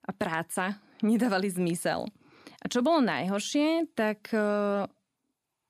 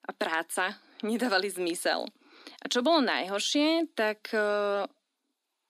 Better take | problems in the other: first | thin; very slightly; fading below 250 Hz

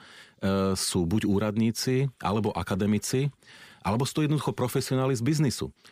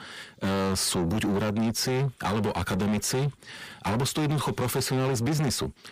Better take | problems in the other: first | distortion; heavy; 7 dB below the speech

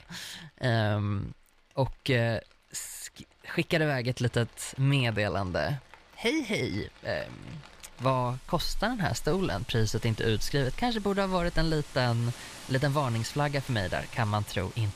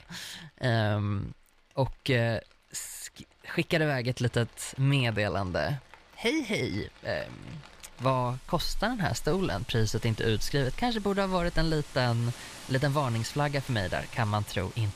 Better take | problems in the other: neither | rain or running water; noticeable; throughout; 15 dB below the speech; the same in both

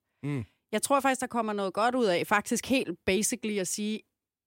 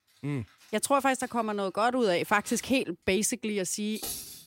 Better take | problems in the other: first | clattering dishes; noticeable; from 1 s on; peak 7 dB below the speech

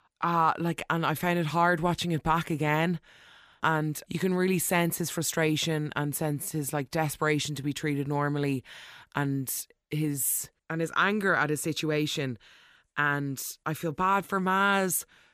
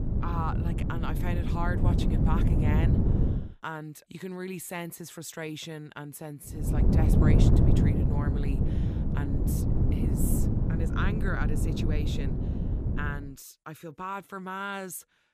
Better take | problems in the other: first | wind noise on the microphone; heavy; until 3.5 s and from 6.5 to 13 s; 1 dB above the speech

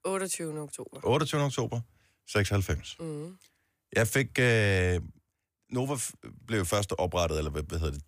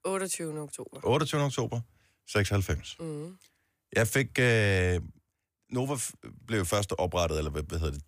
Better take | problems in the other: neither | none

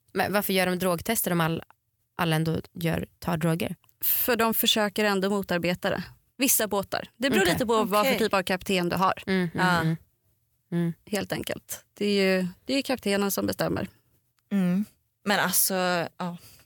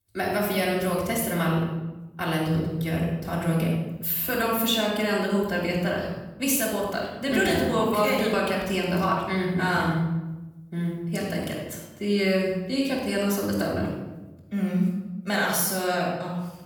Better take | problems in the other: first | off-mic speech; far // room echo; noticeable; dies away in 0.9 s

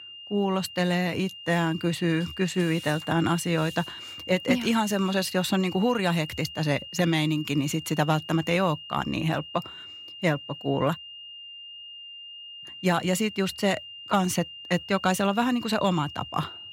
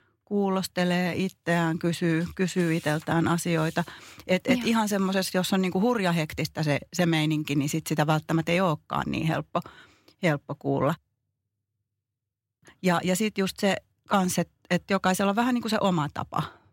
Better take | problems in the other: second | high-pitched whine; noticeable; throughout; 3 kHz, 15 dB below the speech

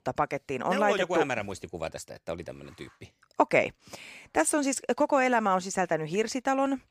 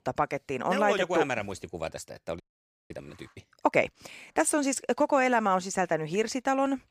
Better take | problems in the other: first | audio freezing; at 2.5 s for 0.5 s

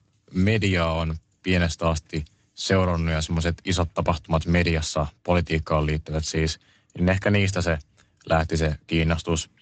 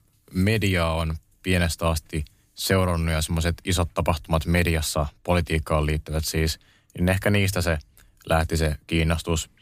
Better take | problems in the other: second | garbled, watery; slightly; nothing above 8 kHz

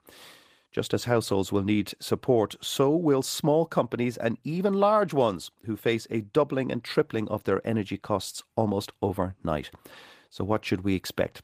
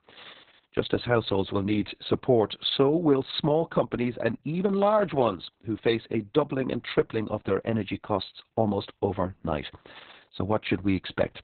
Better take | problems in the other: first | garbled, watery; badly; nothing above 4 kHz; slightly in the first

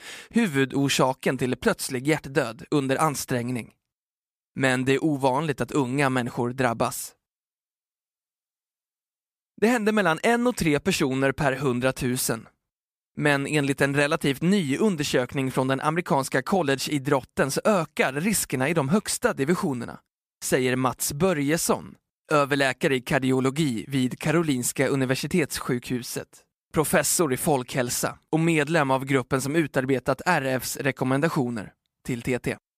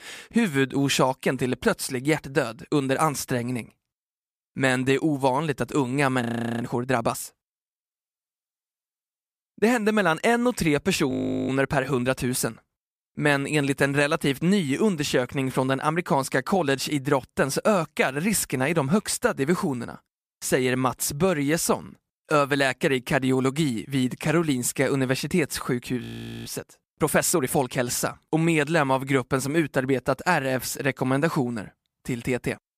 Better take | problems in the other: first | audio freezing; at 6 s, at 11 s and at 26 s

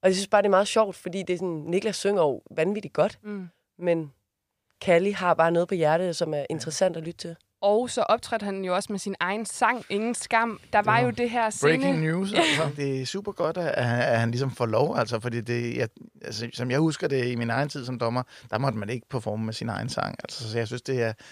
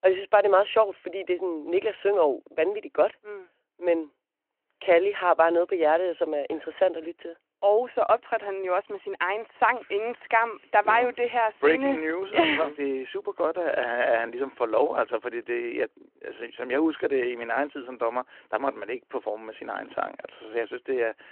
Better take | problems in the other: first | phone-call audio

